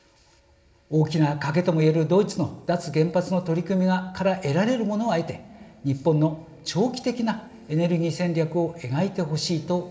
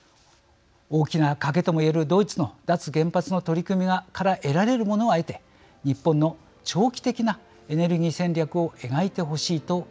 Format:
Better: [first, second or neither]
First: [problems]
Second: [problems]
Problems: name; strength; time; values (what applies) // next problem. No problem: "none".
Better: second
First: room echo; dies away in 2.8 s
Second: none